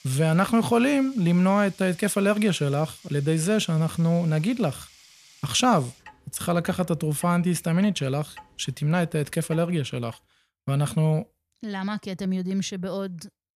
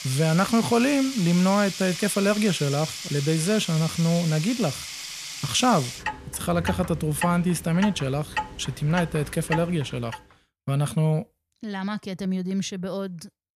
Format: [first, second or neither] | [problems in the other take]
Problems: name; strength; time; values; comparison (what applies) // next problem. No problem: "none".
first | household noises; loud; until 10 s; 9 dB below the speech; faint in the first